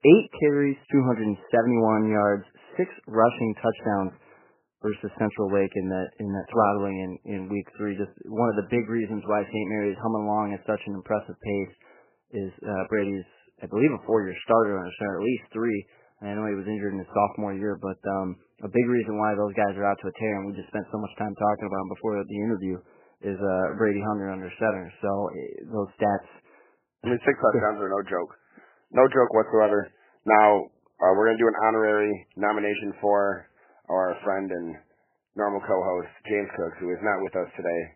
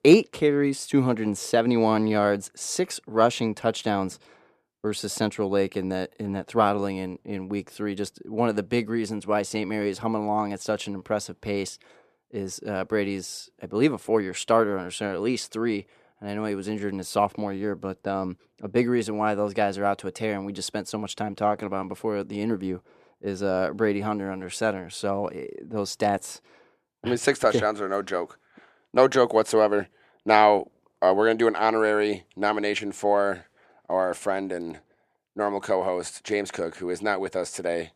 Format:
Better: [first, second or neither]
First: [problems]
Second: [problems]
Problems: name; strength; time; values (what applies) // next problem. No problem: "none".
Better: second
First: garbled, watery; badly; nothing above 3 kHz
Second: none